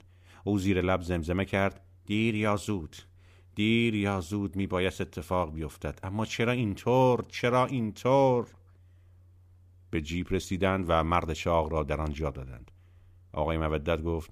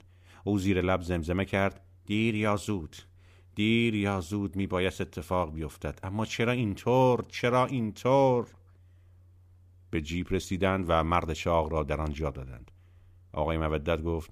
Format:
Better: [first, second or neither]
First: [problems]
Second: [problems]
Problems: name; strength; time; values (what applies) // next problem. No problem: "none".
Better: neither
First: none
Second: none